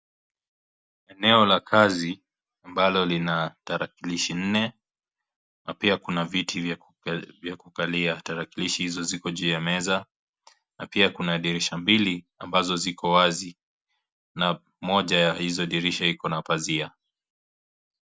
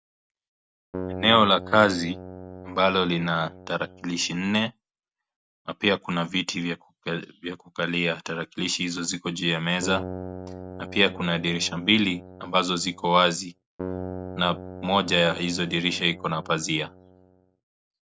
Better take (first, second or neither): first